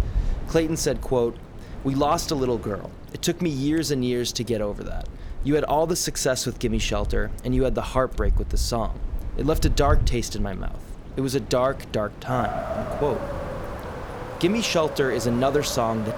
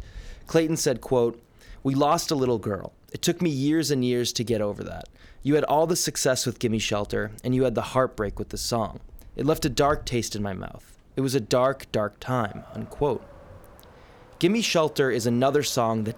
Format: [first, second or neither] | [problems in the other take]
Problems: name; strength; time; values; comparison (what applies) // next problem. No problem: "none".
second | wind in the background; loud; throughout; 8 dB below the speech; faint in the second